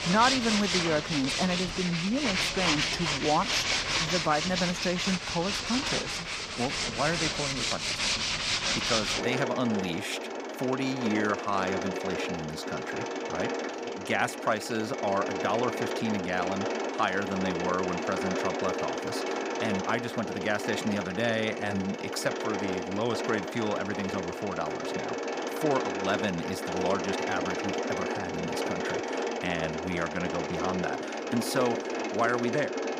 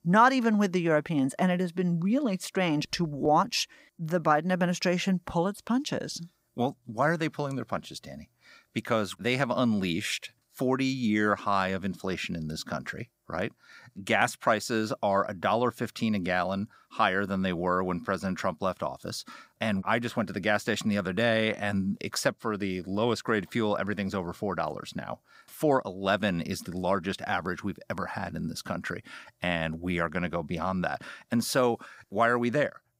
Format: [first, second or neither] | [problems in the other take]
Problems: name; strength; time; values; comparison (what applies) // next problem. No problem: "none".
second | machinery noise; very loud; throughout; as loud as the speech